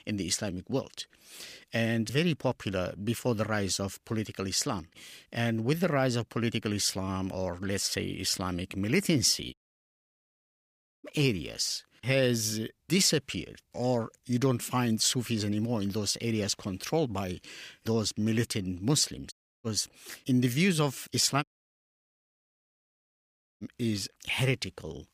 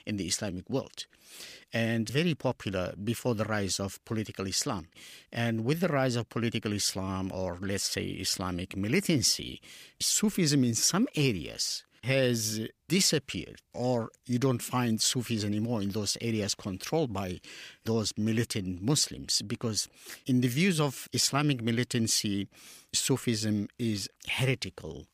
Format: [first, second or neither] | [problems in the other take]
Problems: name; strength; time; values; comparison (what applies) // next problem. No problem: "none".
second | audio cutting out; at 9.5 s for 1.5 s, at 19 s and at 21 s for 2 s